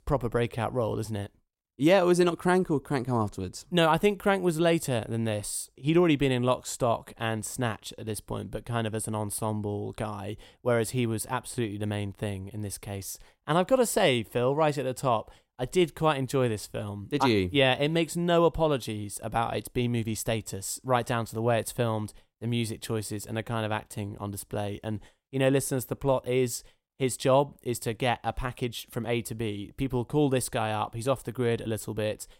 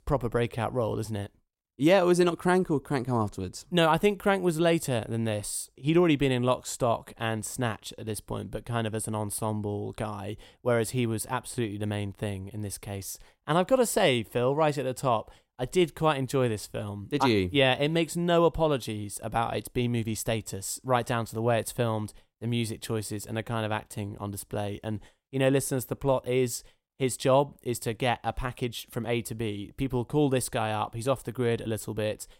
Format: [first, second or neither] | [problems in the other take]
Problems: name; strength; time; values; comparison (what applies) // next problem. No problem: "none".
neither | none